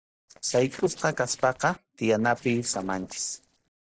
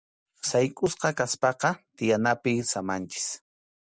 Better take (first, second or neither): second